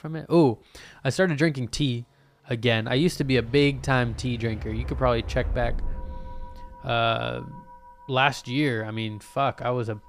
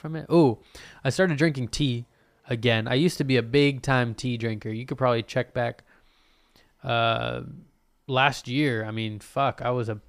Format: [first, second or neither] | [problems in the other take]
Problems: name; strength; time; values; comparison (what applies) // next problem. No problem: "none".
second | background music; noticeable; throughout; 15 dB below the speech